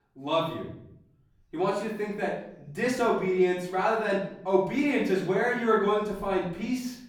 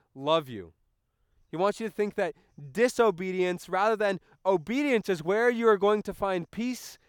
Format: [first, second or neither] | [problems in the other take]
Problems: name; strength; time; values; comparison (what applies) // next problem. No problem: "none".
second | off-mic speech; far // room echo; noticeable; dies away in 0.7 s